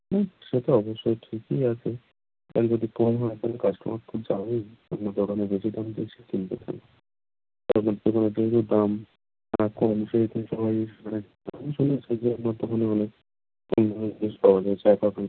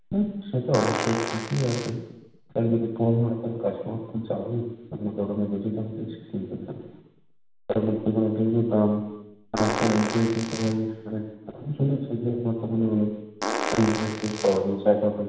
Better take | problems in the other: first | background sound (Fart); 6 dB below the speech // room echo; dies away in 1 s

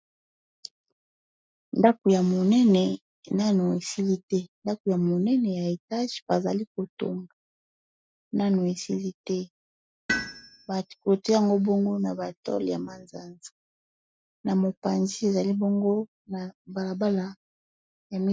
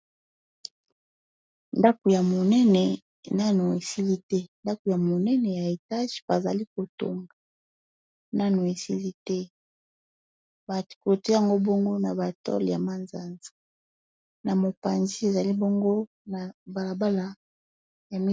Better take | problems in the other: second | noise reduction (classical method Wiener filter)

